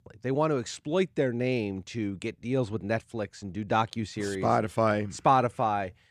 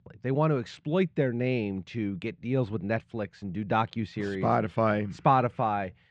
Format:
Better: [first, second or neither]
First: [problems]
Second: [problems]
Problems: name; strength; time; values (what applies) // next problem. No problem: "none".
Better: first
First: none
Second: muffled; slightly; fading above 3 kHz